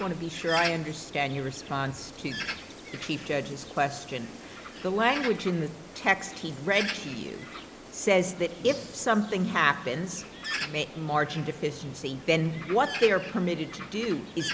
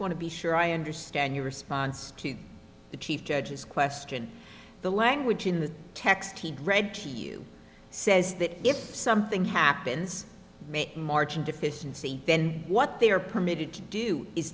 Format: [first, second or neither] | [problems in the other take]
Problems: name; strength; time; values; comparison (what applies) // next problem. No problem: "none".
second | background sound (Bird); 11 dB below the speech